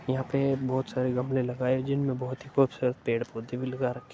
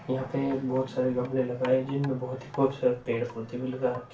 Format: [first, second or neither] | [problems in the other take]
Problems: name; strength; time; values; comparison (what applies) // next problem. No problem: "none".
first | background sound (Wind chime); 20 dB below the speech // room echo; dies away in 0.3 s